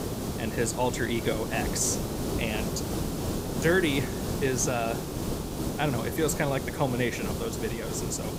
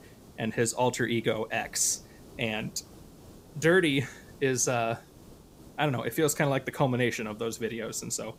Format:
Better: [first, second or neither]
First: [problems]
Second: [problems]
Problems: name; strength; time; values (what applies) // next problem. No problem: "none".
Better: second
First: hiss; loud; throughout; 3 dB below the speech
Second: hiss; faint; throughout; 25 dB below the speech